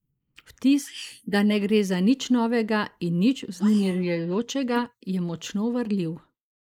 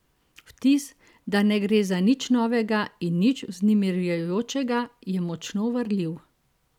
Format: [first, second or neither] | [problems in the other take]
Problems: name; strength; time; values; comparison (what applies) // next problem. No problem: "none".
second | noise reduction (neural mask model Resemble Enhance denoiser)